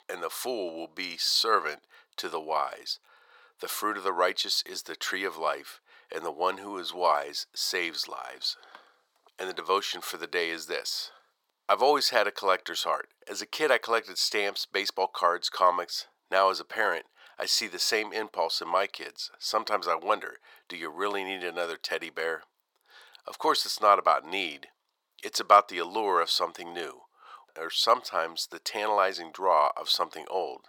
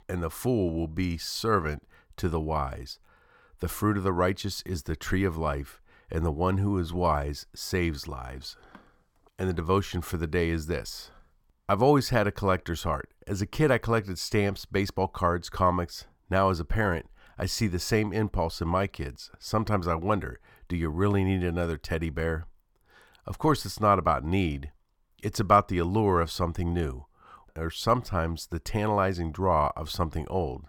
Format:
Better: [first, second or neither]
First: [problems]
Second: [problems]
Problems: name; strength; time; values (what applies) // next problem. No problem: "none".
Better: second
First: thin; very; fading below 500 Hz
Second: none